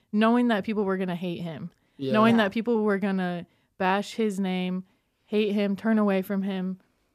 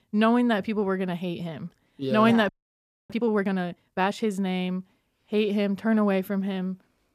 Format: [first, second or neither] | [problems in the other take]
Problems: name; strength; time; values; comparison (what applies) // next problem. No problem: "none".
first | audio freezing; at 2.5 s for 0.5 s